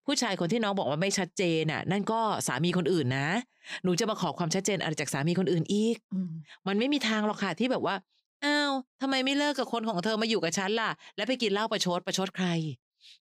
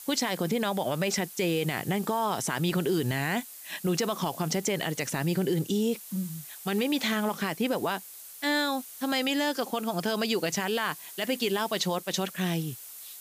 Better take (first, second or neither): first